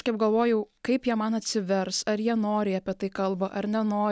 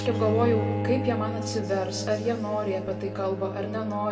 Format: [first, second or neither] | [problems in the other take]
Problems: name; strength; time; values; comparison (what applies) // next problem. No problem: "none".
first | background sound (Bowed string instrument); 3 dB below the speech // room echo; dies away in 1.8 s